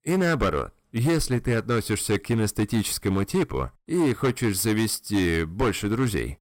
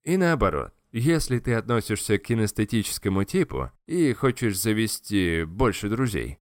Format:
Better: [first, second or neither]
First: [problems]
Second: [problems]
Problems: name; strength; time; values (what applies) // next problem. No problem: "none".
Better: second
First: distortion; slight; 11% of the sound clipped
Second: none